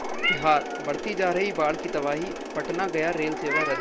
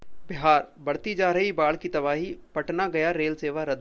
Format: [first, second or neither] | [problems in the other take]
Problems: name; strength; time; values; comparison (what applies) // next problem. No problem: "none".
second | background sound (Meow + Mechanisms); 4 dB below the speech